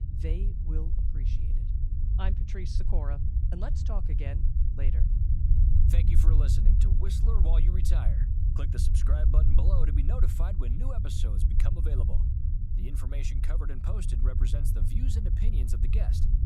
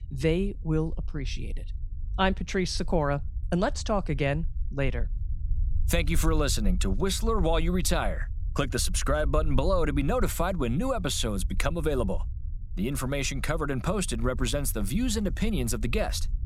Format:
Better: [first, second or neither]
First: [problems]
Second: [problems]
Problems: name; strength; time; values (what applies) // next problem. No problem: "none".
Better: second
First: low rumble; loud; throughout; 1 dB below the speech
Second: low rumble; faint; throughout; 25 dB below the speech